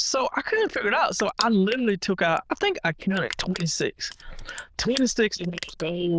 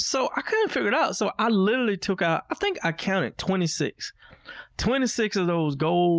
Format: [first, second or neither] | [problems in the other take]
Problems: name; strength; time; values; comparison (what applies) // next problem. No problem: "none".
second | noise reduction (neural diffusion model UNIVERSE++)